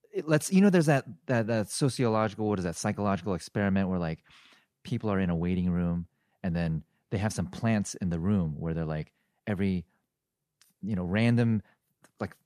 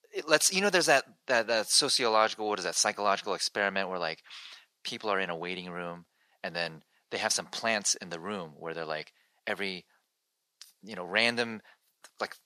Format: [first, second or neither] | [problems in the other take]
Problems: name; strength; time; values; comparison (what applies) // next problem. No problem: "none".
first | thin; very; fading below 650 Hz